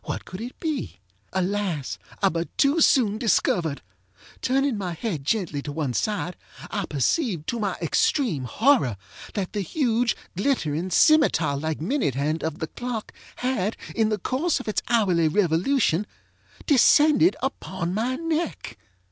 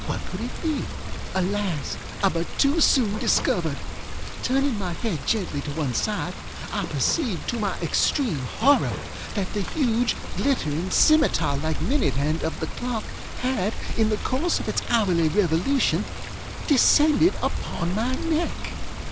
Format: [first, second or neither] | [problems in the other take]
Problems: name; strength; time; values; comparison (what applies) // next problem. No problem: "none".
first | background sound (Water); 3 dB below the speech